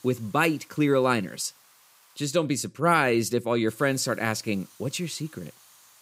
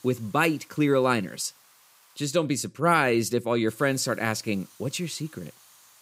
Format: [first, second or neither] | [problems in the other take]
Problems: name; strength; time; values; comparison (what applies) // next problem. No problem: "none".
neither | hiss; faint; until 2 s and from 3.5 s on; 25 dB below the speech; the same in both